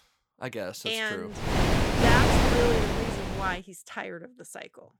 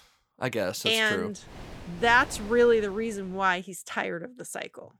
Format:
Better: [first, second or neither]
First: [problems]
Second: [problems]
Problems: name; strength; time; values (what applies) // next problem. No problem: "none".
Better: second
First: wind noise on the microphone; heavy; from 1.5 to 3.5 s; 4 dB above the speech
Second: wind noise on the microphone; occasional gusts; from 1.5 to 3.5 s; 20 dB below the speech